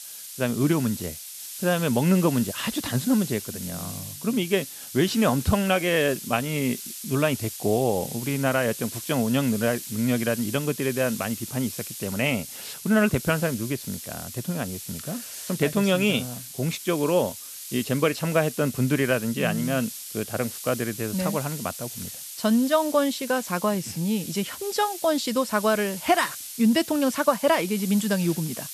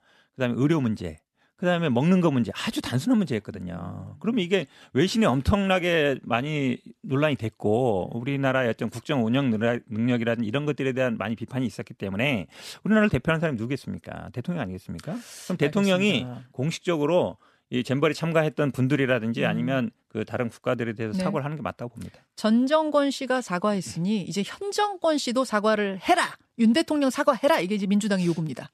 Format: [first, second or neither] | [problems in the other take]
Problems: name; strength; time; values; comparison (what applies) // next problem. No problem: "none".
second | hiss; loud; throughout; 10 dB below the speech